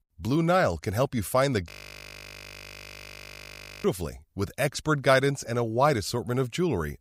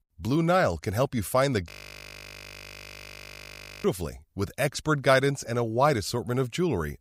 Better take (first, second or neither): neither